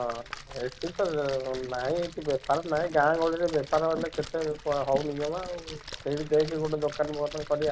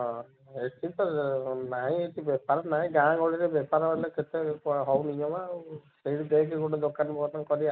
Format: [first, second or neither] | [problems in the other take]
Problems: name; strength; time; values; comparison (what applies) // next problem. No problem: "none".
second | background sound (Splash, splatter); 15 dB below the speech